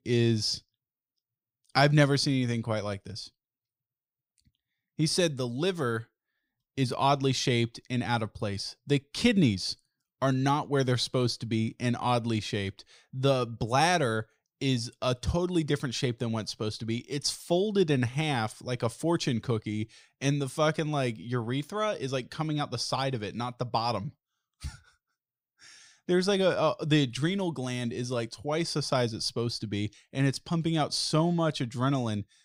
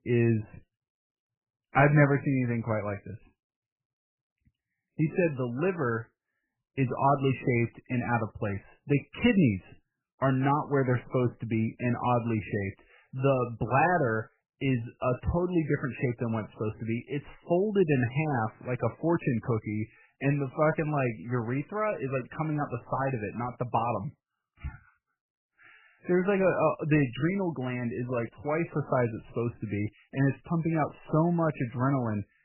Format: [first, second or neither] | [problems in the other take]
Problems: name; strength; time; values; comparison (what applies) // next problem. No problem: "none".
first | garbled, watery; badly; nothing above 3 kHz